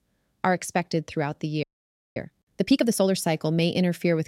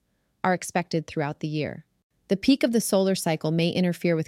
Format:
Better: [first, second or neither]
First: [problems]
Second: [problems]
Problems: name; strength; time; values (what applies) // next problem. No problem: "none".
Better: second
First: audio freezing; at 1.5 s for 0.5 s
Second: none